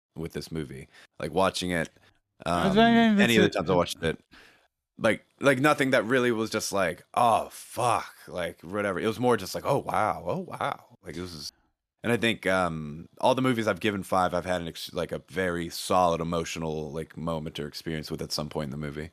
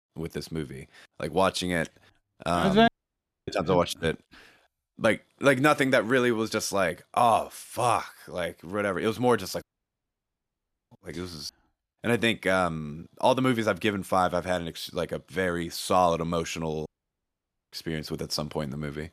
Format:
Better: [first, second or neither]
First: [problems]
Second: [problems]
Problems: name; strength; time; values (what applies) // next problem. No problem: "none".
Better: first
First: none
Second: audio cutting out; at 3 s for 0.5 s, at 9.5 s for 1.5 s and at 17 s for 1 s